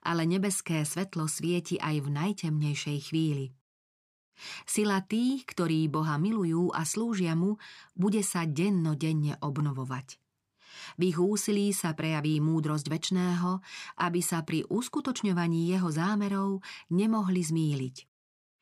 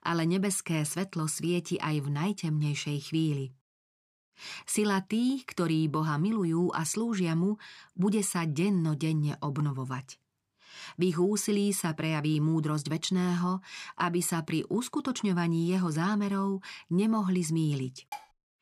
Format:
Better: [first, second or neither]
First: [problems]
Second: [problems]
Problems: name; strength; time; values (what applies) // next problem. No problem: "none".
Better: first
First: none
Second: clattering dishes; faint; at 18 s; peak 15 dB below the speech